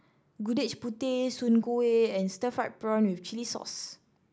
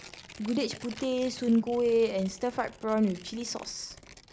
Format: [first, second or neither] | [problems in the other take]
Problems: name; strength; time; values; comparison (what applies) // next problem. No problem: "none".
first | background sound (Tearing); 20 dB below the speech